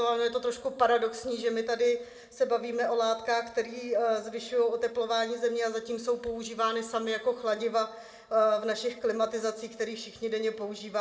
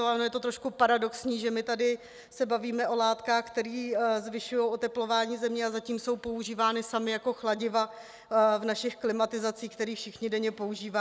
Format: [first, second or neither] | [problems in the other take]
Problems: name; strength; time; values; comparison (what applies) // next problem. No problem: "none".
second | room echo; dies away in 1.3 s